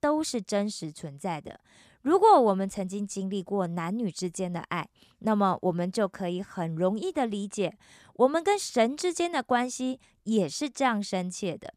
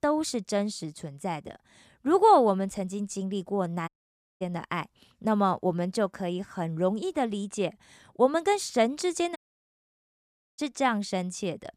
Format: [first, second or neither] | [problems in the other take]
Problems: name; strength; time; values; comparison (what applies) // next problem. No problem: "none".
first | audio cutting out; at 4 s for 0.5 s and at 9.5 s for 1 s